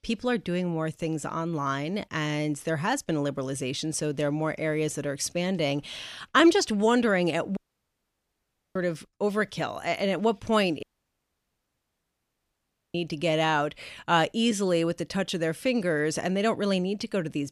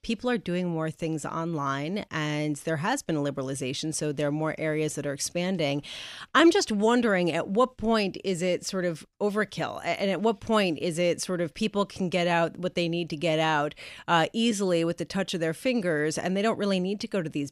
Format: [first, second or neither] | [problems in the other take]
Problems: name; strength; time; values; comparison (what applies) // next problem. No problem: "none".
second | audio cutting out; at 7.5 s for 1 s and at 11 s for 2 s